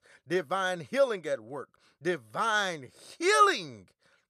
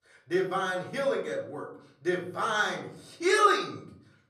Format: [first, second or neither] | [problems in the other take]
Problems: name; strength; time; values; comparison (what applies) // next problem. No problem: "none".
first | off-mic speech; far // room echo; slight; dies away in 0.6 s